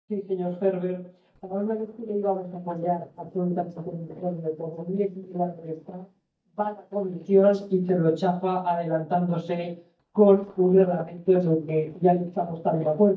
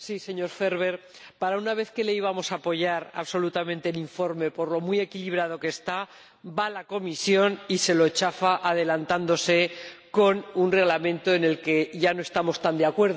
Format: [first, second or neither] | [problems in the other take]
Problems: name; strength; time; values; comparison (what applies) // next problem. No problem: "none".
second | noise reduction (neural mask model DeepFilterNet 3)